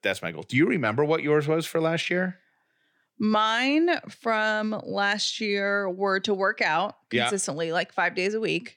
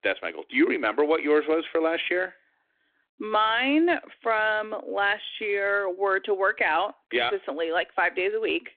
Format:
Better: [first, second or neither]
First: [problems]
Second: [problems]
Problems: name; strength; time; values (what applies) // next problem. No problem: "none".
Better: first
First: none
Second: phone-call audio; nothing above 3.5 kHz